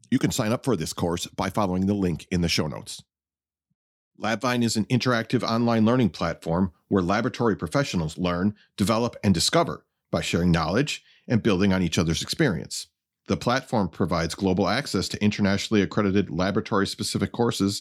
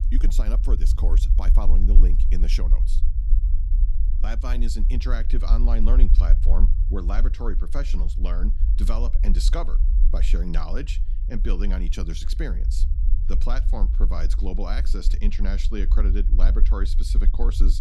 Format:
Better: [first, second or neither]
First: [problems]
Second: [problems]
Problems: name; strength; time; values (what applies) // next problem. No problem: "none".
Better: first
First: none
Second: low rumble; loud; throughout; 10 dB below the speech